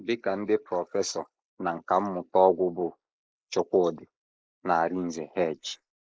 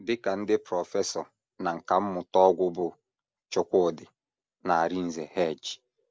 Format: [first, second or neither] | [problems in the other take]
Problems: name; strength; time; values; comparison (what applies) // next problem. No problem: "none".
second | noise reduction (neural mask model Resemble Enhance denoiser)